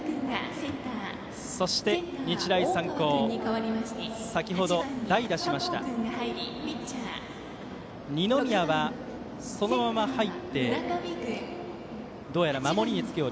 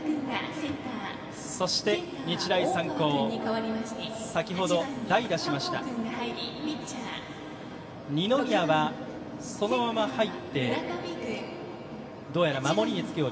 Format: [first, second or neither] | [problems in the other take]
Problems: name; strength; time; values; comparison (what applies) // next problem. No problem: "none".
first | room echo; dies away in 1.6 s